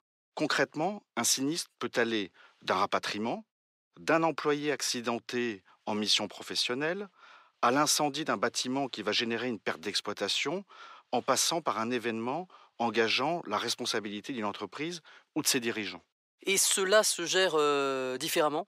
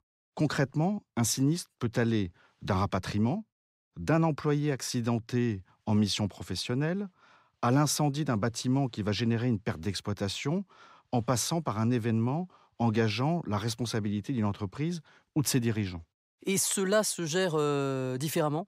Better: second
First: thin; somewhat; fading below 400 Hz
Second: none

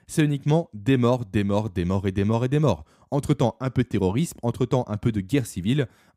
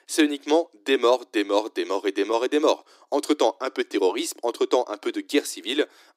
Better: first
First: none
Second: thin; somewhat; fading below 300 Hz

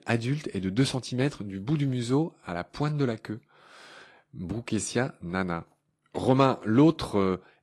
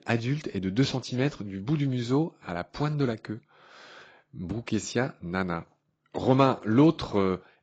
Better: first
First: garbled, watery; slightly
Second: garbled, watery; badly; nothing above 7.5 kHz

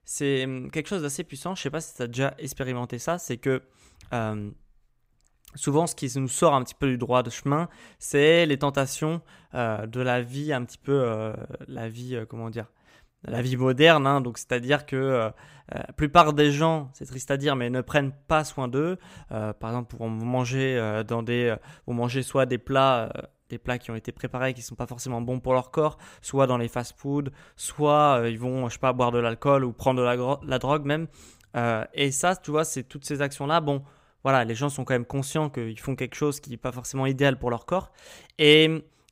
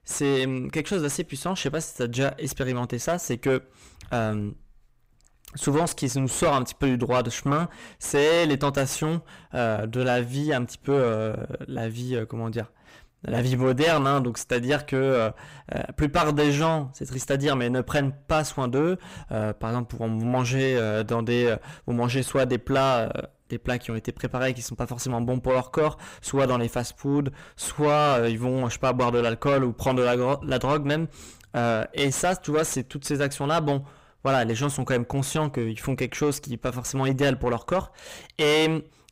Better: first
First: none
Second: distortion; heavy; 5 dB below the speech

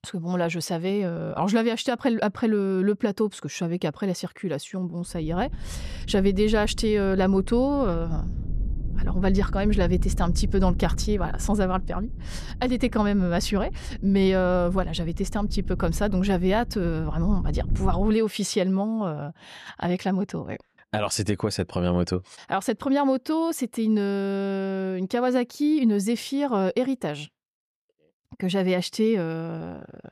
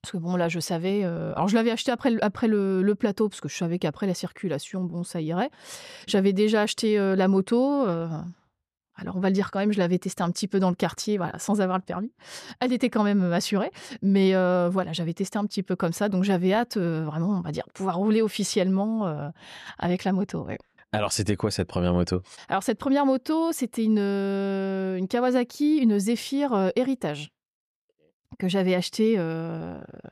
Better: second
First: low rumble; noticeable; from 5 to 18 s; 20 dB below the speech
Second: none

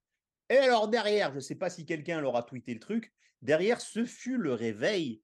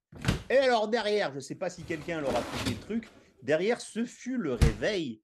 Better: first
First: none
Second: door banging; loud; until 4.5 s; peak 1 dB above the speech

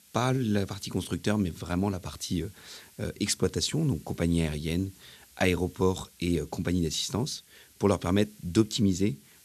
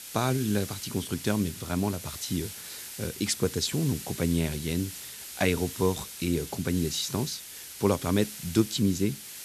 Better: first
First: hiss; faint; throughout; 25 dB below the speech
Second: hiss; loud; throughout; 10 dB below the speech

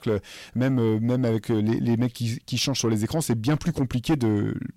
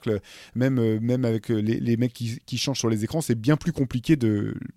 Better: second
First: distortion; slight; 10 dB below the speech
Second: none

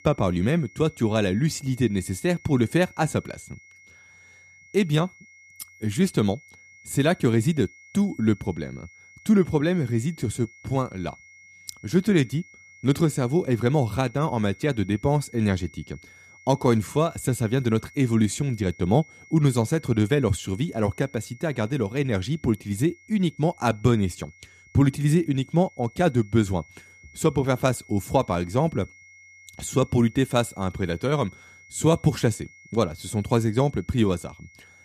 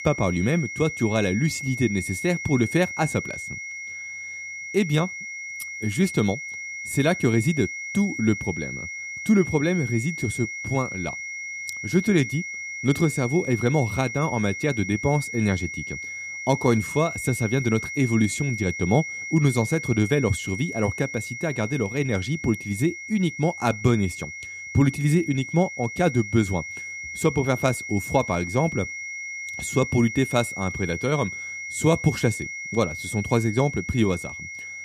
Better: first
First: high-pitched whine; faint; throughout; 2 kHz, 25 dB below the speech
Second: high-pitched whine; loud; throughout; 2 kHz, 7 dB below the speech

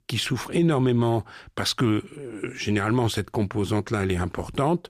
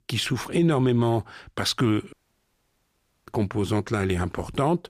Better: first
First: none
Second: audio cutting out; at 2 s for 1 s

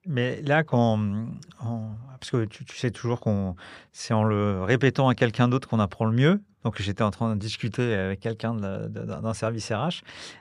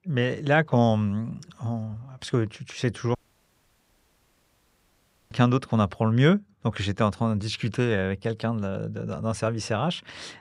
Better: first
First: none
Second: audio cutting out; at 3 s for 2 s

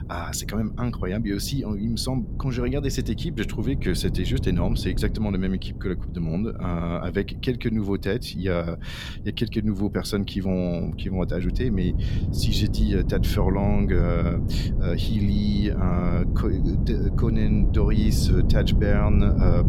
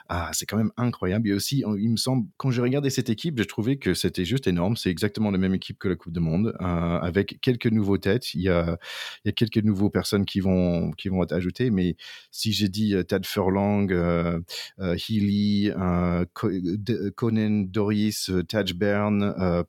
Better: second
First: wind noise on the microphone; heavy; 8 dB below the speech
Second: none

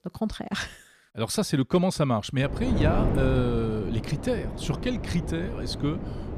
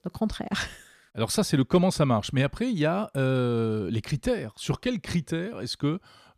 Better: second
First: wind noise on the microphone; heavy; from 2.5 s on; 6 dB below the speech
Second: none

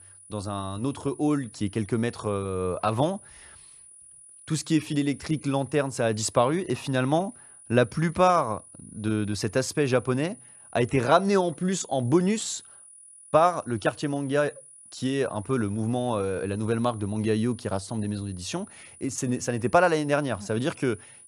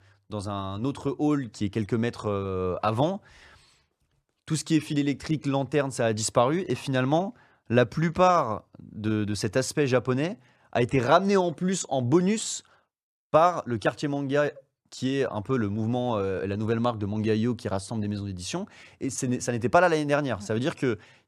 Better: second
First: high-pitched whine; faint; throughout; 9.5 kHz, 20 dB below the speech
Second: none

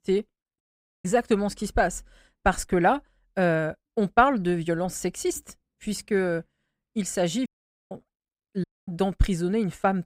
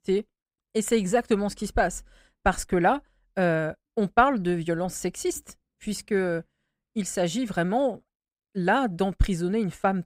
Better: second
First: audio cutting out; at 0.5 s, at 7.5 s and at 8.5 s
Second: none

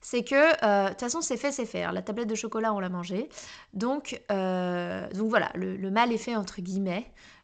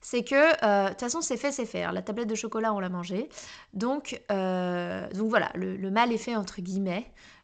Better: neither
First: garbled, watery; slightly; nothing above 7.5 kHz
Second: garbled, watery; slightly; nothing above 7.5 kHz

